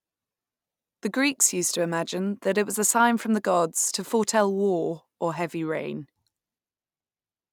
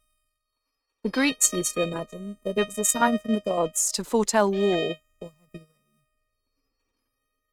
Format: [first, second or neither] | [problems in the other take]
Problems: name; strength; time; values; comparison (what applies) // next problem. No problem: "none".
first | noise reduction (neural mask model RNNoise)